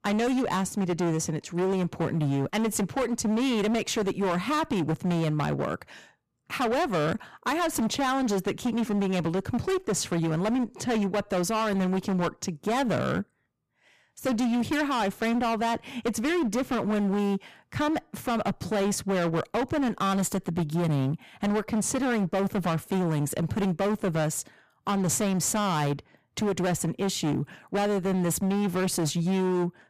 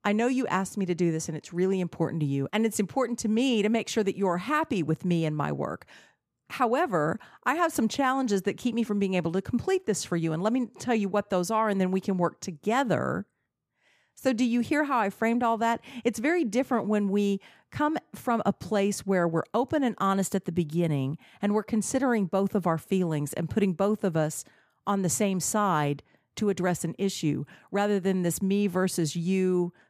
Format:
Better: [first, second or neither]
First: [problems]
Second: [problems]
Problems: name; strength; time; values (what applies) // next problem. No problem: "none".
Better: second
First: distortion; heavy; 25% of the sound clipped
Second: none